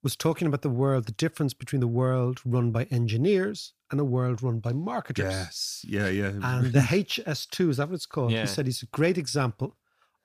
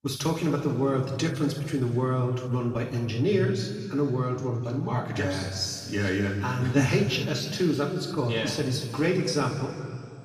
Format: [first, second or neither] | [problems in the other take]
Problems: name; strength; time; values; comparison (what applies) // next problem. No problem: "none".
first | room echo; noticeable; dies away in 2.1 s // off-mic speech; far